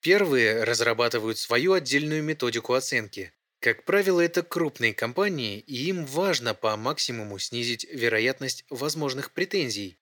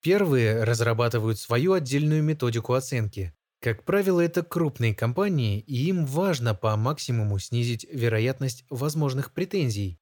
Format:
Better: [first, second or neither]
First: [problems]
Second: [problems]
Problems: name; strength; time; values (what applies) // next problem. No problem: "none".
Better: second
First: thin; somewhat; fading below 300 Hz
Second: none